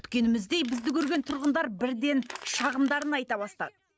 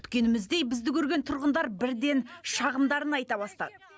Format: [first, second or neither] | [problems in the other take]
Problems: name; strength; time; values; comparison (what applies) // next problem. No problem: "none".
second | noise reduction (neural mask model RNNoise)